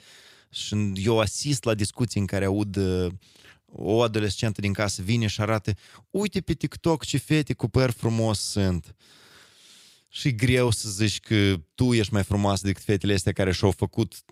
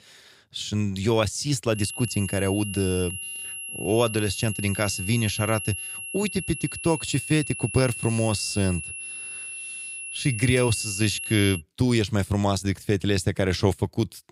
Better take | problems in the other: first | high-pitched whine; loud; from 2 to 12 s; 2.5 kHz, 7 dB below the speech

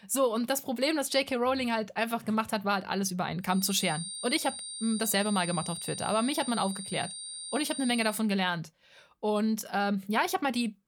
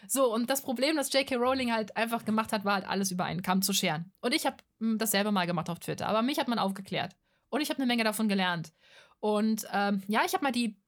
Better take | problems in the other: second | high-pitched whine; loud; from 3.5 to 8 s; 9 kHz, 8 dB below the speech

